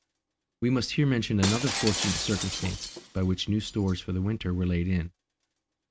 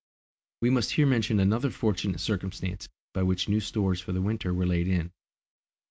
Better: second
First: background sound (Shatter); 9 dB below the speech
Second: none

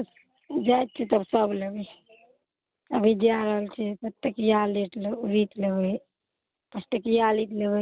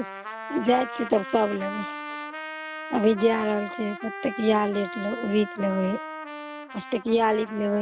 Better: first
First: none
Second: background sound (Trumpet); 10 dB below the speech

